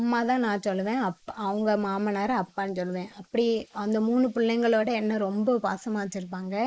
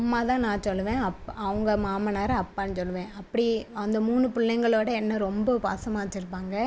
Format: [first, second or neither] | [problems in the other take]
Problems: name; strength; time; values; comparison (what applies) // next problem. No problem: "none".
second | noise reduction (neural mask model Resemble Enhance denoiser)